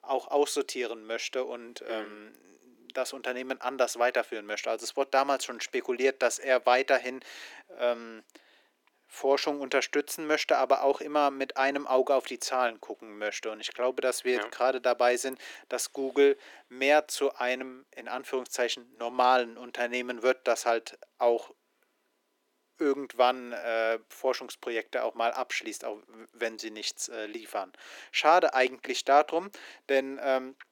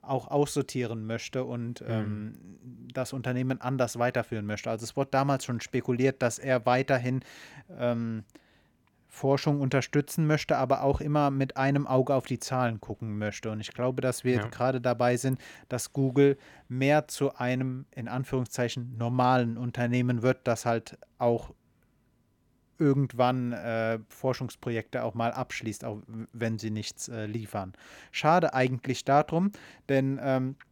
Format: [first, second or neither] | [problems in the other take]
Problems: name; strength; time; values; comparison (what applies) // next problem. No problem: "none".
second | thin; somewhat; fading below 350 Hz